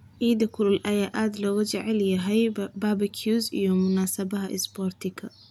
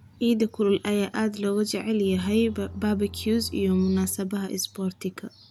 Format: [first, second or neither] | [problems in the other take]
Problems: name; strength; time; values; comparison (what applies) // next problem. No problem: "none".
first | background sound (Bowed string instrument); 15 dB below the speech